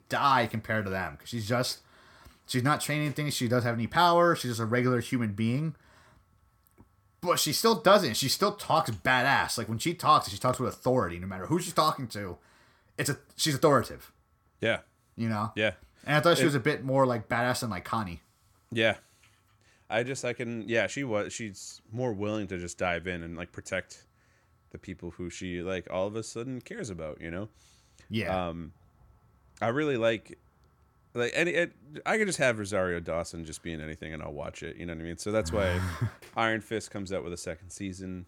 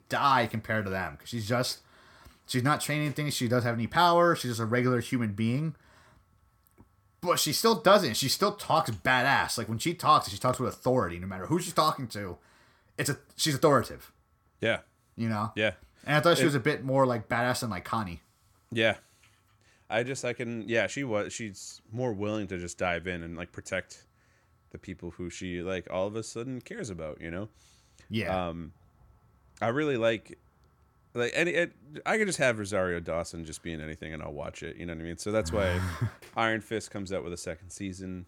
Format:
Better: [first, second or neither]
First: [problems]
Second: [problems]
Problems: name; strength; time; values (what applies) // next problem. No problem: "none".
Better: neither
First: none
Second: none